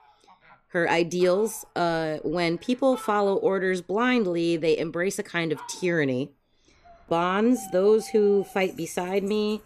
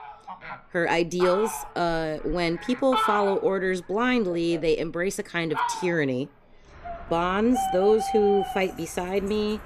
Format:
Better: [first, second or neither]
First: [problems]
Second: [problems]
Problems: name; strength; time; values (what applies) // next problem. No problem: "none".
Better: first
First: animal sounds; faint; throughout; 25 dB below the speech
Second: animal sounds; loud; throughout; 7 dB below the speech